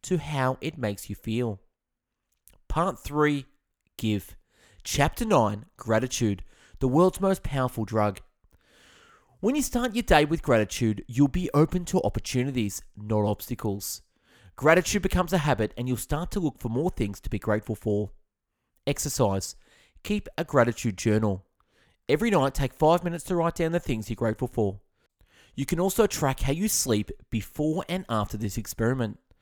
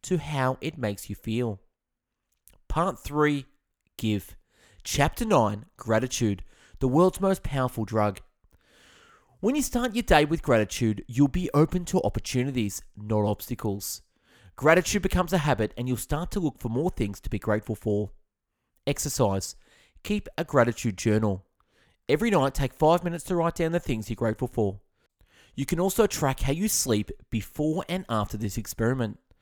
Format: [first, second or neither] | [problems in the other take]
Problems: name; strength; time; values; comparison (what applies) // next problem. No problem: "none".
neither | none